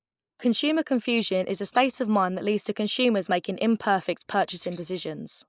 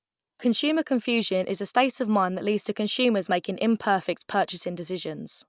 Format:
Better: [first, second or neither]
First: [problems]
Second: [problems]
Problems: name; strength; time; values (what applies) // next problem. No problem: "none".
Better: second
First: noise reduction (neural mask model Resemble Enhance denoiser)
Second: none